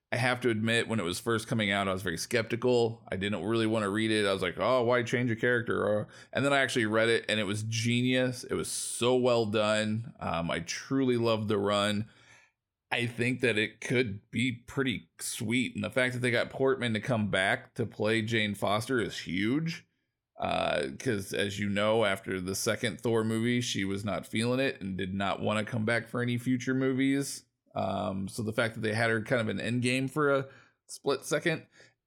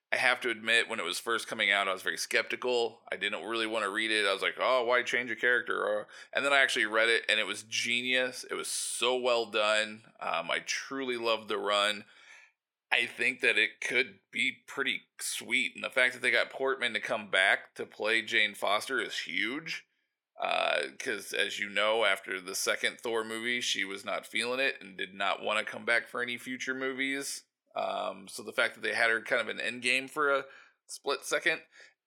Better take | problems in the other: first | thin; somewhat; fading below 500 Hz

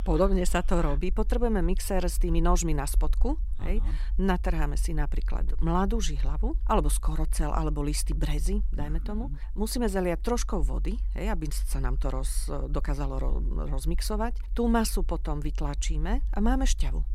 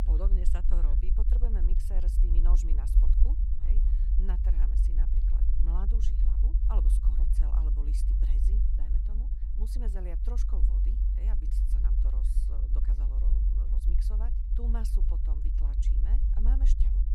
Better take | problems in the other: first | low rumble; loud; throughout; as loud as the speech; faint in the first

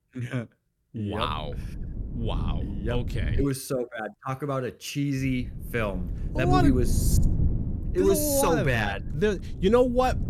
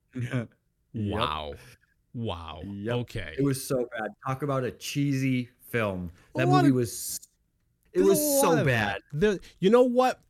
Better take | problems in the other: second | wind noise on the microphone; occasional gusts; from 1 to 3.5 s and from 5 s on; 15 dB below the speech

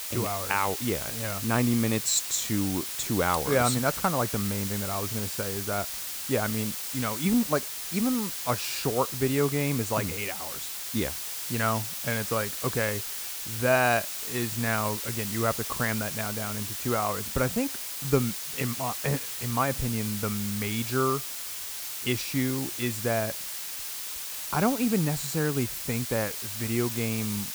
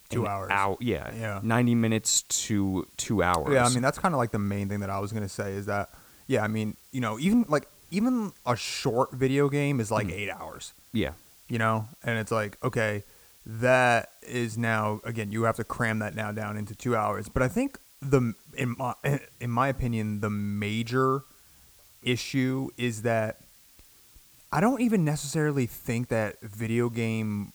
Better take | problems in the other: second | hiss; loud; throughout; 3 dB below the speech; faint in the second

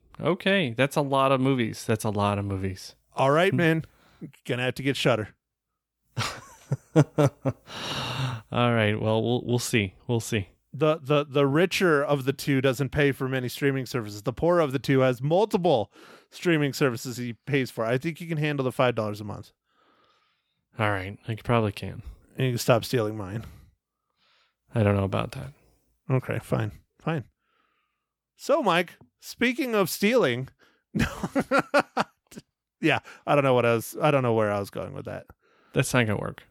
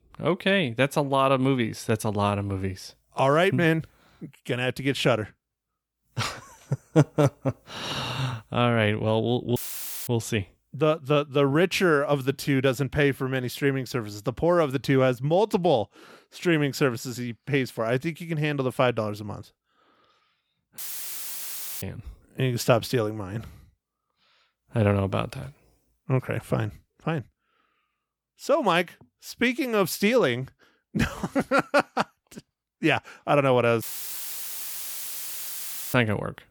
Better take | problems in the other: first | audio cutting out; filled with static; at 9.5 s for 0.5 s, at 21 s for 1 s and at 34 s for 2 s

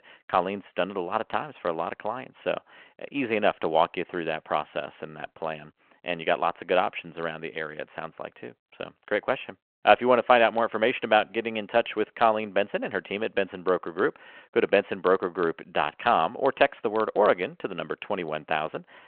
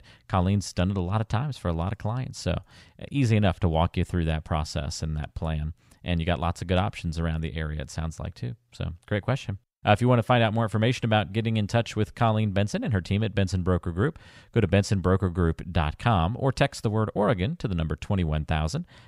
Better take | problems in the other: second | phone-call audio

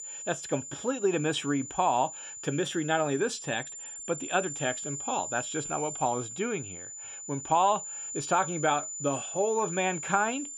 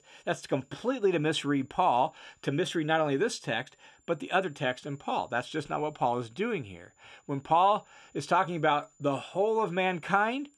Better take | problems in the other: second | high-pitched whine; loud; throughout; 7 kHz, 7 dB below the speech; faint in the second

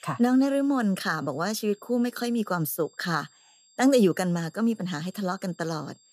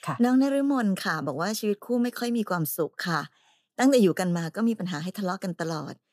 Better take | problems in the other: second | high-pitched whine; faint; throughout; 7.5 kHz, 30 dB below the speech

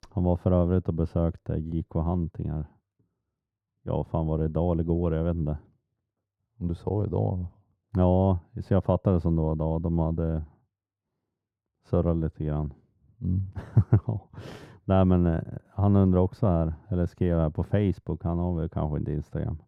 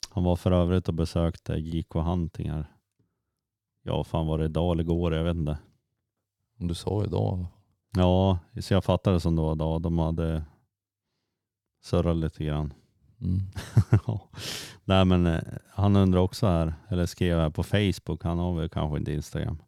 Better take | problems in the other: second | muffled; very; fading above 2 kHz

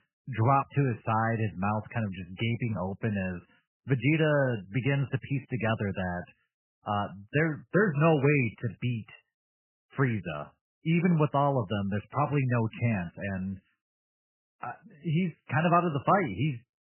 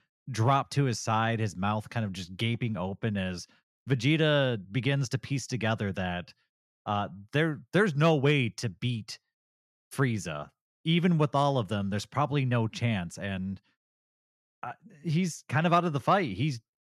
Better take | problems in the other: second | garbled, watery; badly; nothing above 3 kHz

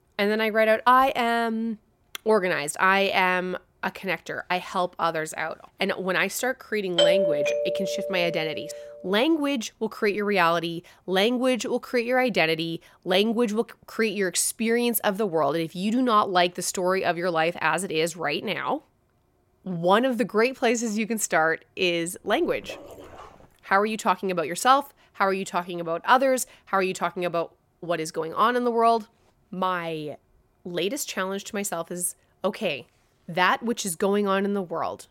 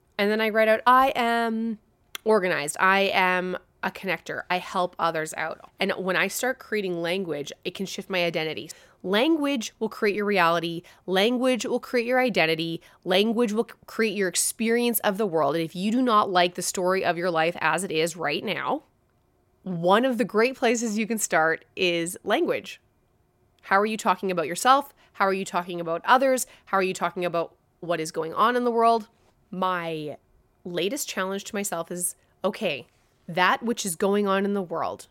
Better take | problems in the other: second | doorbell; loud; from 7 to 8.5 s; peak 4 dB above the speech // dog barking; faint; from 22 to 23 s; peak 15 dB below the speech

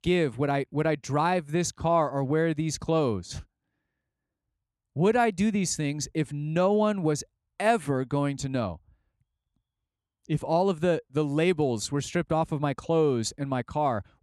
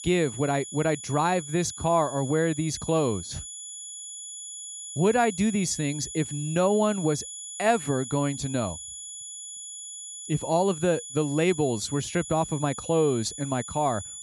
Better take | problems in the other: first | high-pitched whine; noticeable; throughout; 7 kHz, 10 dB below the speech

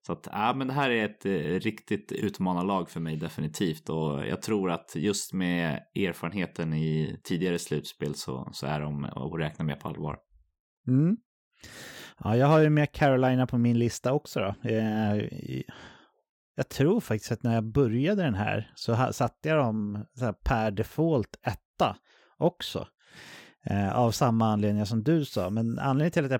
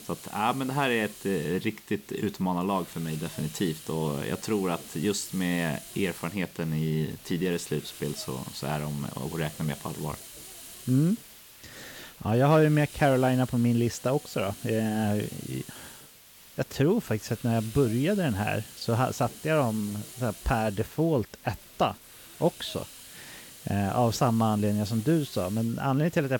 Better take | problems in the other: first | hiss; noticeable; throughout; 15 dB below the speech

